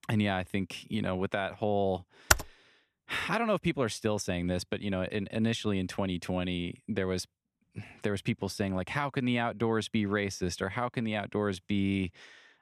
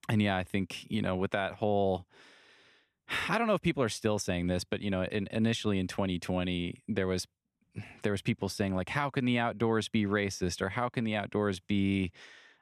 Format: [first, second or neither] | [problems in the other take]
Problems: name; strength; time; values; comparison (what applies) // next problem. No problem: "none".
second | keyboard typing; very faint; at 2.5 s; peak 5 dB above the speech